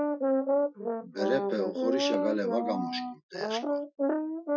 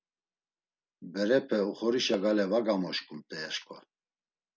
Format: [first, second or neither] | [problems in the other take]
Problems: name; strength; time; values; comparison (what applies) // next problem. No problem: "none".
second | noise reduction (classical method Wiener filter)